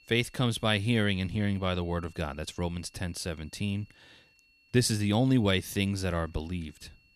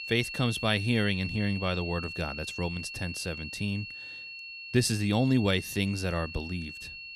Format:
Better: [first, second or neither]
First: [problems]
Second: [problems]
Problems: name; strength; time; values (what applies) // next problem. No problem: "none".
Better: first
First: high-pitched whine; faint; throughout; 2.5 kHz, 30 dB below the speech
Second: high-pitched whine; loud; throughout; 2.5 kHz, 8 dB below the speech